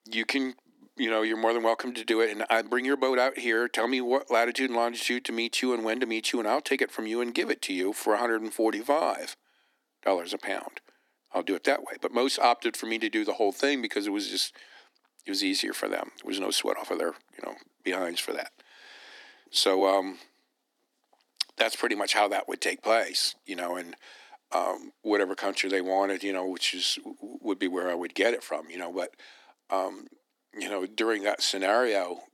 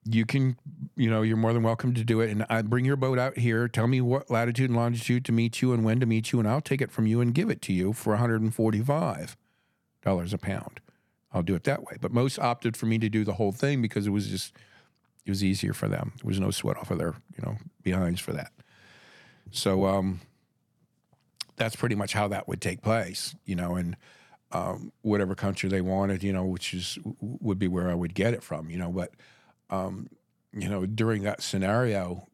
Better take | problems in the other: second | thin; somewhat; fading below 250 Hz

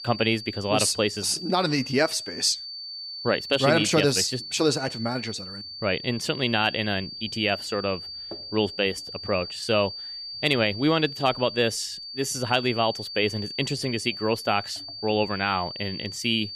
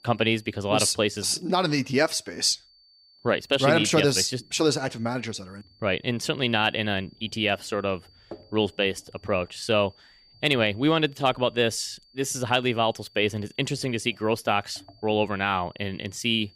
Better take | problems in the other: second | high-pitched whine; loud; throughout; 4.5 kHz, 9 dB below the speech; faint in the second

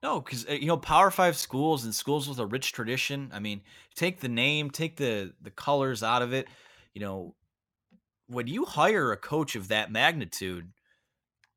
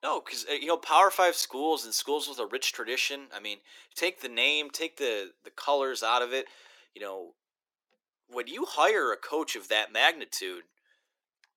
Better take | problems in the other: first | thin; very; fading below 350 Hz

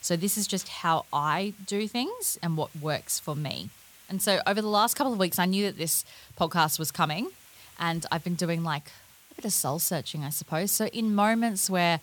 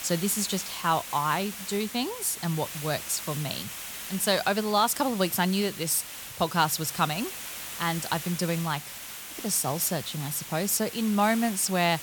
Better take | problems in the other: first | hiss; loud; throughout; 9 dB below the speech; faint in the first

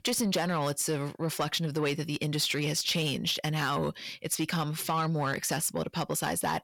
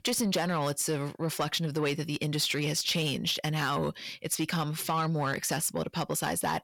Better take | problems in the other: neither | distortion; slight; 10 dB below the speech; the same in both

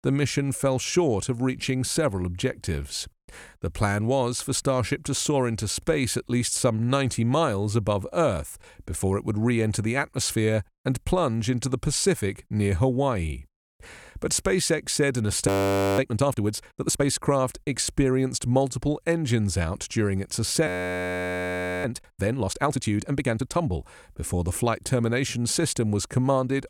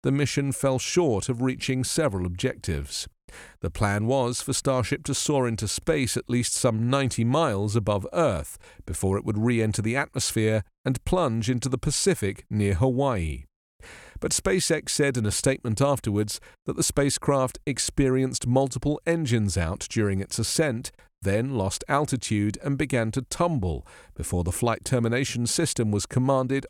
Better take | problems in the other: second | audio freezing; at 15 s for 0.5 s and at 21 s for 1 s

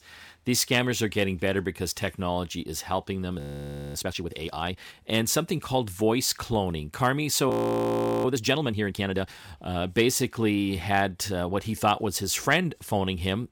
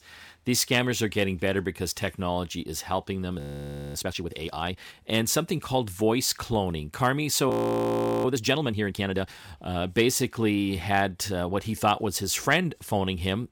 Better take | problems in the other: neither | audio freezing; at 3.5 s for 0.5 s and at 7.5 s for 0.5 s; the same in both

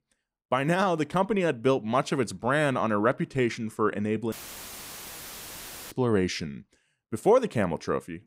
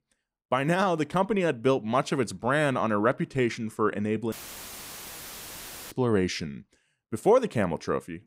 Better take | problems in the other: neither | audio cutting out; filled with static; at 4.5 s for 1.5 s; the same in both

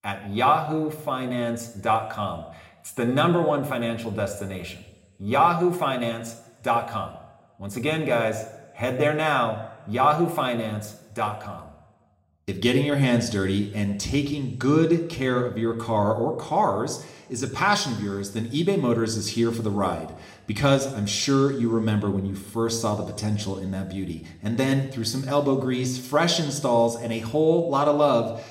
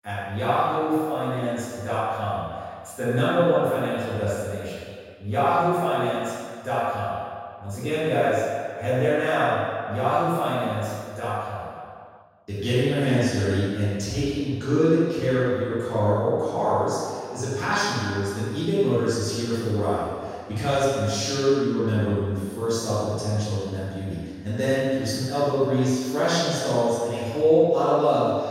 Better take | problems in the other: first | room echo; strong; dies away in 1.7 s; slight in the first // off-mic speech; far

